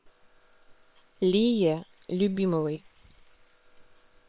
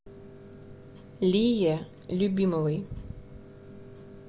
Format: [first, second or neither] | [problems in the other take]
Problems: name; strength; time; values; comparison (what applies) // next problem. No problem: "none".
second | noise reduction (neural separator model SepFormer WHAM!)